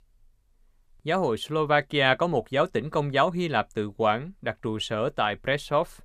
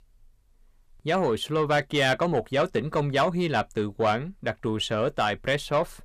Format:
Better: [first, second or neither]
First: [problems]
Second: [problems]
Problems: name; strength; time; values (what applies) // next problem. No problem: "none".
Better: first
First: none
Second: distortion; slight; 10 dB below the speech